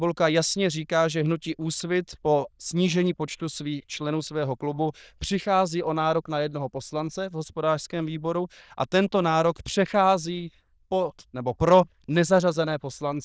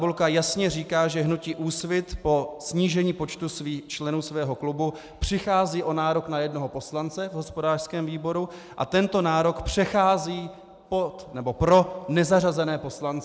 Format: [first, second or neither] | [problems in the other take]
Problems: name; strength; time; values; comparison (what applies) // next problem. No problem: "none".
second | noise reduction (neural diffusion model UNIVERSE++)